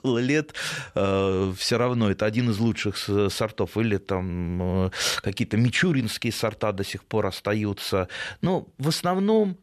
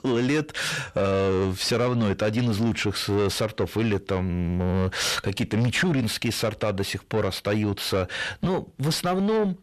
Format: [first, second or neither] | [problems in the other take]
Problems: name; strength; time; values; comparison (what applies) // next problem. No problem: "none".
first | distortion; slight; 9 dB below the speech